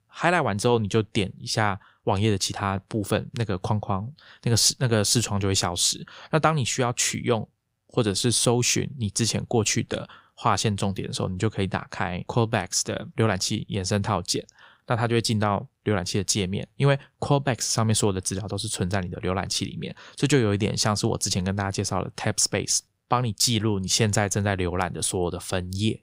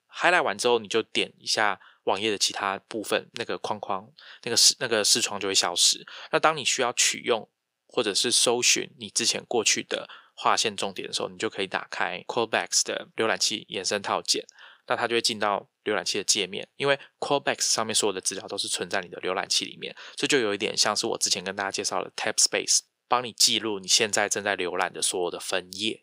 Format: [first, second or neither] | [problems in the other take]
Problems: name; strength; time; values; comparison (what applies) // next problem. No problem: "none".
first | thin; somewhat; fading below 400 Hz